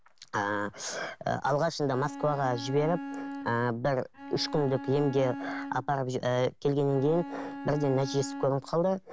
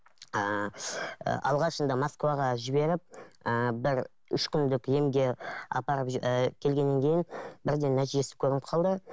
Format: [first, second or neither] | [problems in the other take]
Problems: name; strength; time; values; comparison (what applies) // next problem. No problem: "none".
second | background sound (Bowed string instrument); 10 dB below the speech